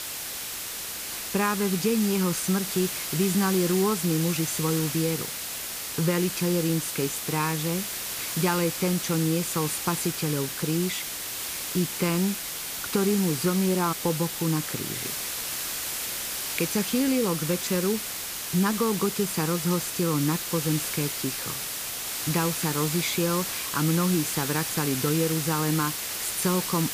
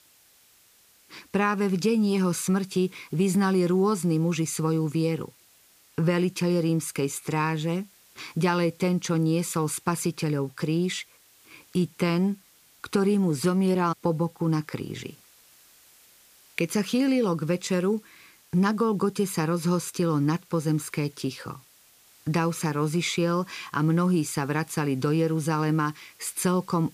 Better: second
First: hiss; loud; throughout; 3 dB below the speech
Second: hiss; faint; throughout; 30 dB below the speech

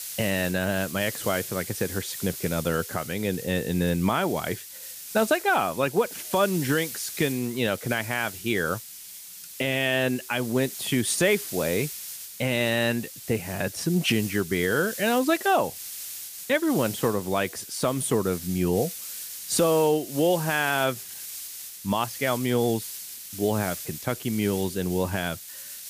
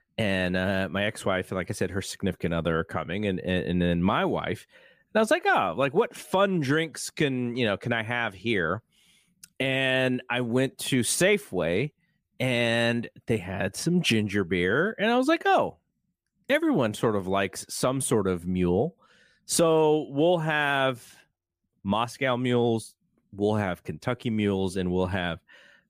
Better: second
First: hiss; loud; throughout; 10 dB below the speech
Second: none

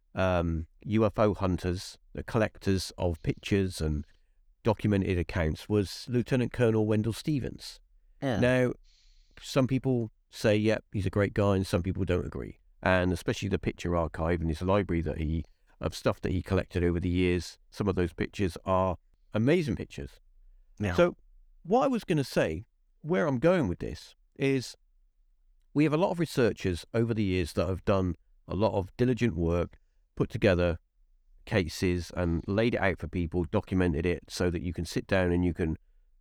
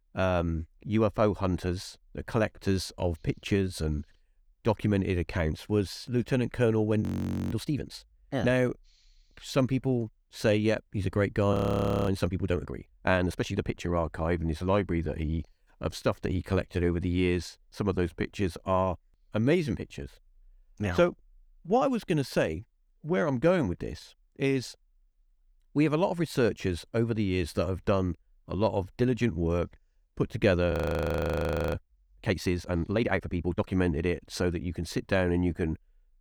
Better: first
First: none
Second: audio freezing; at 7 s, at 12 s for 0.5 s and at 31 s for 1 s

